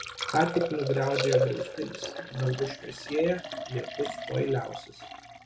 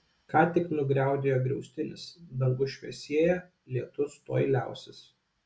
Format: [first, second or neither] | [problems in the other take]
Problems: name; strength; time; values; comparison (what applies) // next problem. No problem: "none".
second | background sound (Liquid); 4 dB below the speech